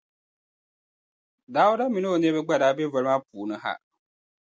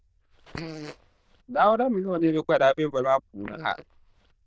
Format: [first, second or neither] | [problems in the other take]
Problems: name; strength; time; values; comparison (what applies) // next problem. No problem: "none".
first | noise reduction (neural diffusion model UNIVERSE++)